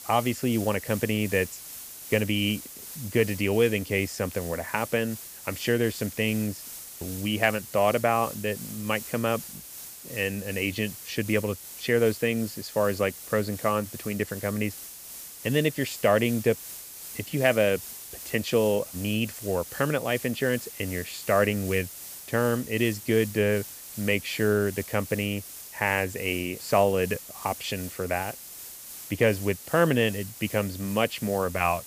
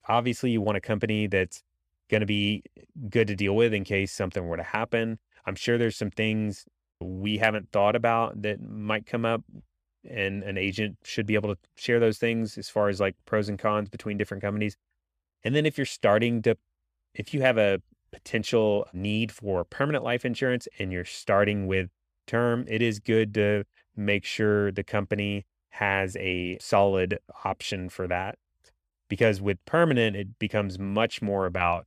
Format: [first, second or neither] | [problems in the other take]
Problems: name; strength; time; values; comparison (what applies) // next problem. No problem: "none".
second | hiss; noticeable; throughout; 10 dB below the speech